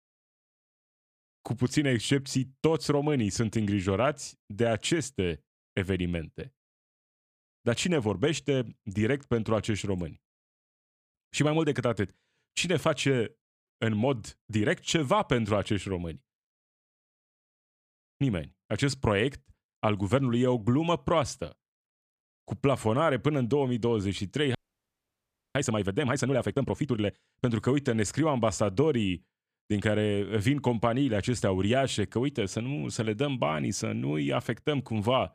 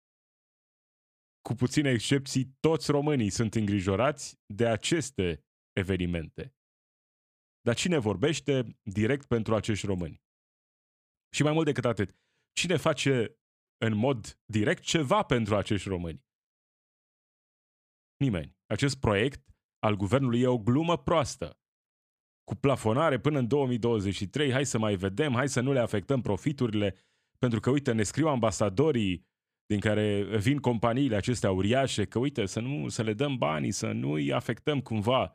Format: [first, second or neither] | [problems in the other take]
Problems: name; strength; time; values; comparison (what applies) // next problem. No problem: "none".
second | audio freezing; at 25 s for 1 s